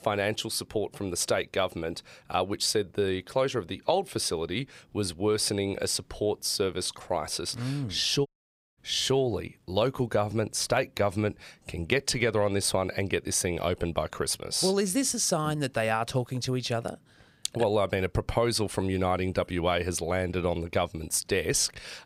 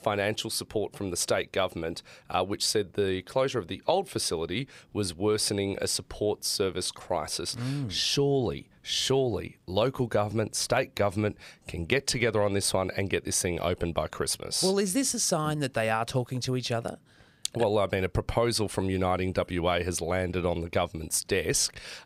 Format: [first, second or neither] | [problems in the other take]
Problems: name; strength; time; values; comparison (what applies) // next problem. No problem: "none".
second | audio cutting out; at 8.5 s for 0.5 s